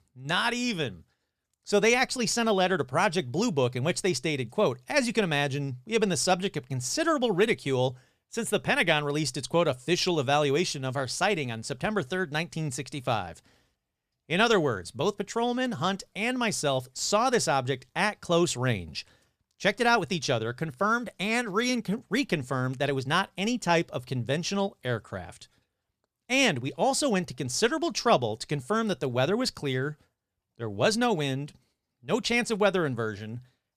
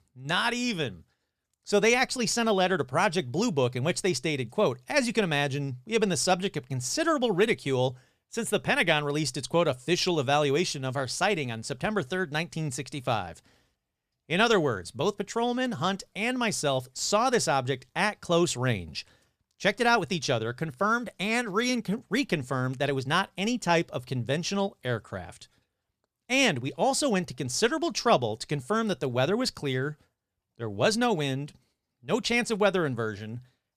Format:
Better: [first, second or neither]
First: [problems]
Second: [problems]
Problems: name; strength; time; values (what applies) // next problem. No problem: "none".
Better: neither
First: none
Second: none